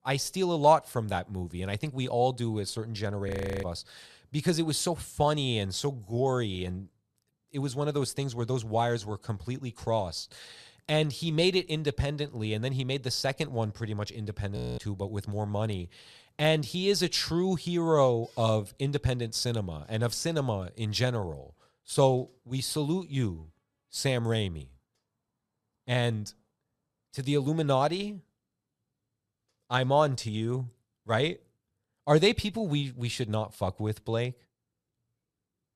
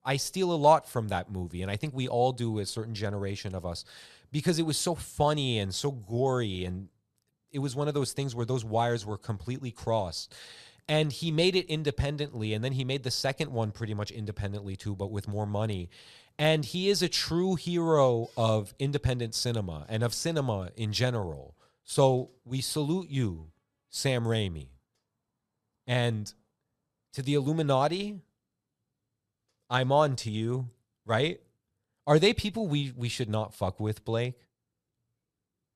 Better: second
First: audio freezing; at 3.5 s and at 15 s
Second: none

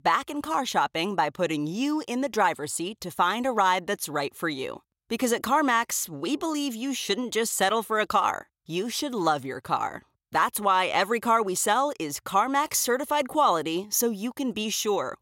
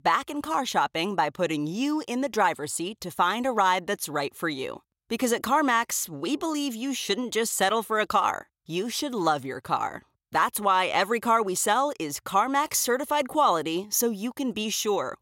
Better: neither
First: none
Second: none

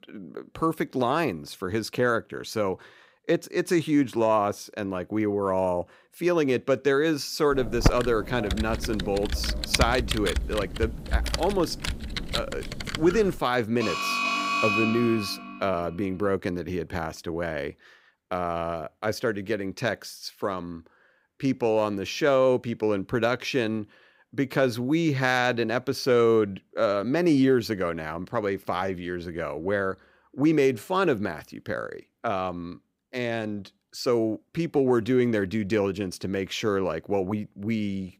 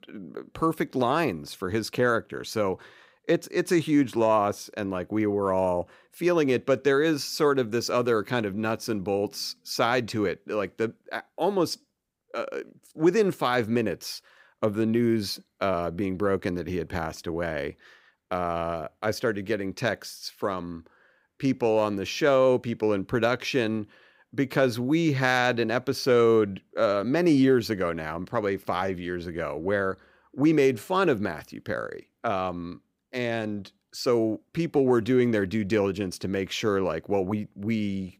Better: second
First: keyboard typing; loud; from 7.5 to 13 s; peak 1 dB above the speech // alarm; loud; from 14 to 16 s; peak 3 dB above the speech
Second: none

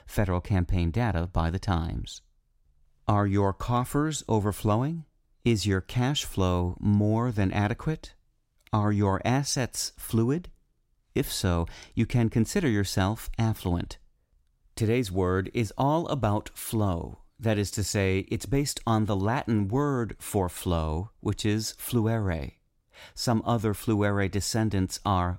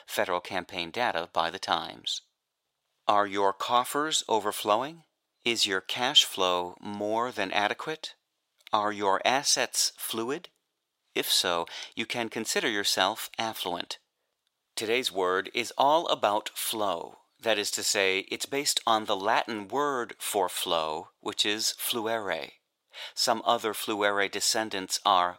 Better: first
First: none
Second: thin; very; fading below 600 Hz

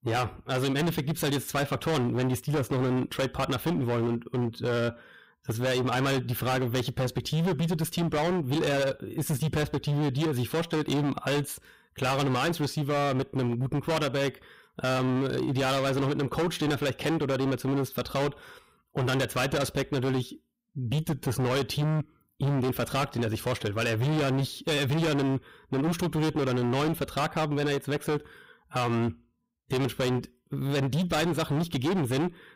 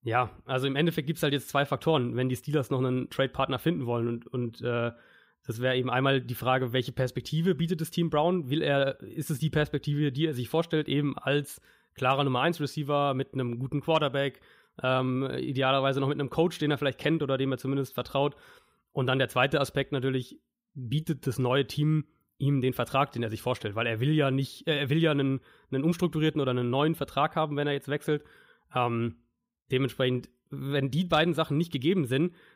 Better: second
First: distortion; heavy; 25% of the sound clipped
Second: none

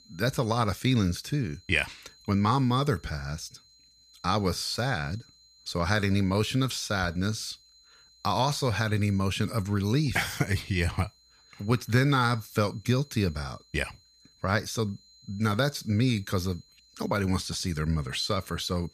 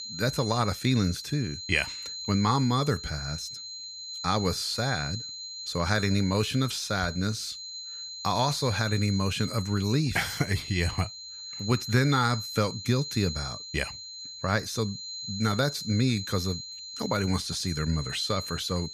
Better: first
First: high-pitched whine; faint; throughout; 4 kHz, 30 dB below the speech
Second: high-pitched whine; loud; throughout; 4 kHz, 8 dB below the speech

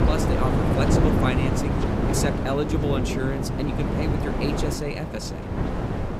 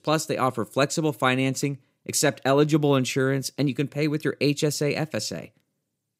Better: second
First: wind noise on the microphone; heavy; 1 dB above the speech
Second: none

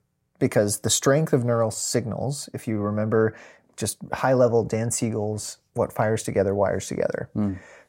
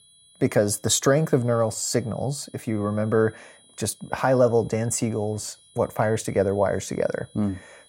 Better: first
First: none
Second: high-pitched whine; faint; throughout; 10 kHz, 30 dB below the speech

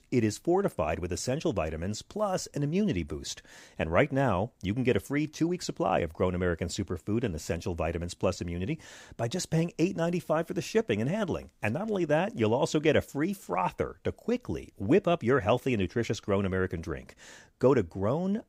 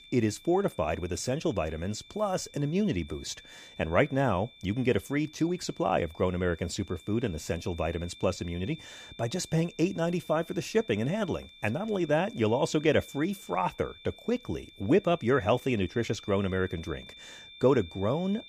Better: first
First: none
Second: high-pitched whine; noticeable; throughout; 3.5 kHz, 20 dB below the speech

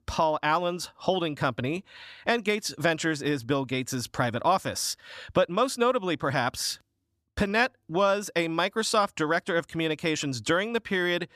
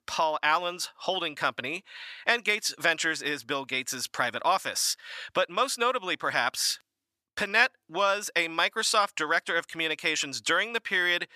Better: first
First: none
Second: thin; somewhat; fading below 1 kHz

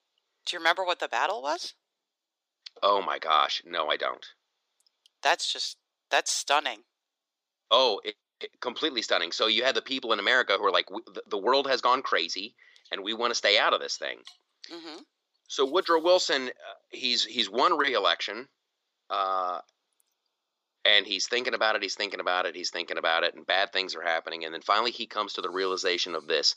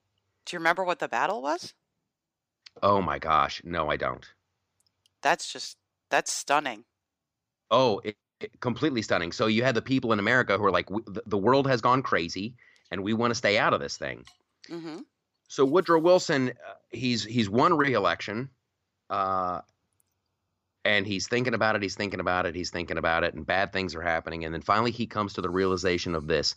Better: second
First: thin; somewhat; fading below 400 Hz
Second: none

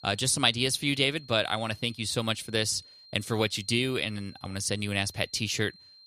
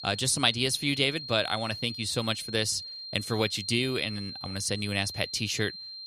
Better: first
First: high-pitched whine; faint; throughout; 4 kHz, 20 dB below the speech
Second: high-pitched whine; loud; throughout; 4 kHz, 9 dB below the speech

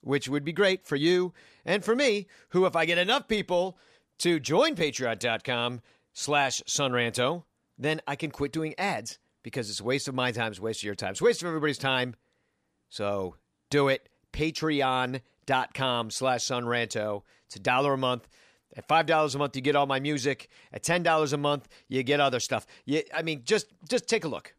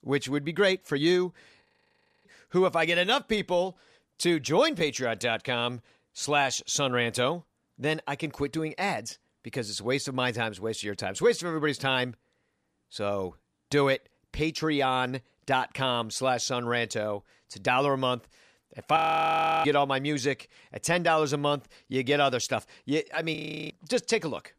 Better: first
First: none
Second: audio freezing; at 1.5 s for 0.5 s, at 19 s for 0.5 s and at 23 s

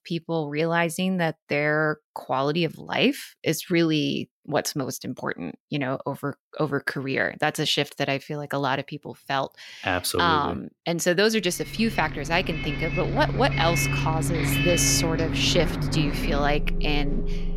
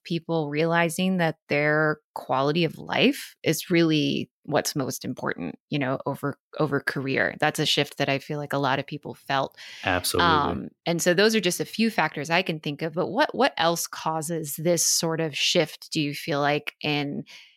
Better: second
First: traffic noise; loud; from 12 s on; 2 dB below the speech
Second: none

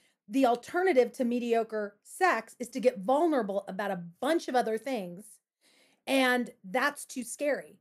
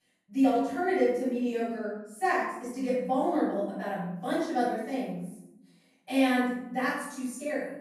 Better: first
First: none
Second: room echo; strong; dies away in 1.1 s // off-mic speech; far

